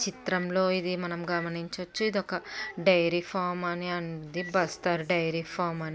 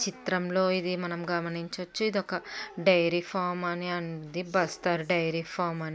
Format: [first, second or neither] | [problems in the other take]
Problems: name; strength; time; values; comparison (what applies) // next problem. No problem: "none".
second | background sound (Microwave oven); 19 dB below the speech